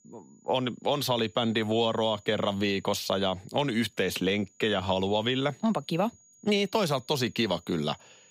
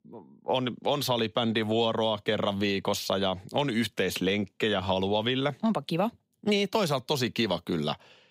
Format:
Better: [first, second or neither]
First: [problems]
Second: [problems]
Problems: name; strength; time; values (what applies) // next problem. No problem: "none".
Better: second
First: high-pitched whine; faint; throughout; 6.5 kHz, 30 dB below the speech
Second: none